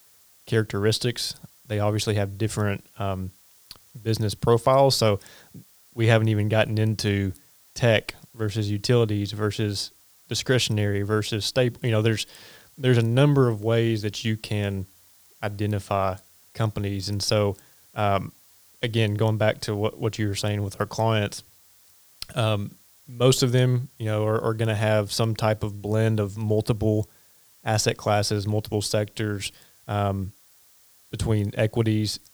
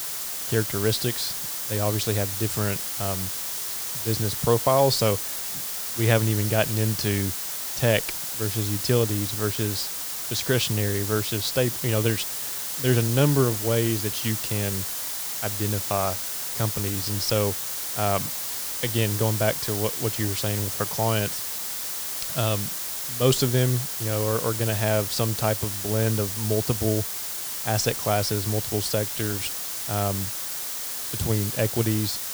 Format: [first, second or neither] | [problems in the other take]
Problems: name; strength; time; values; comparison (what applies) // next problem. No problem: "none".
first | hiss; loud; throughout; 2 dB below the speech; faint in the first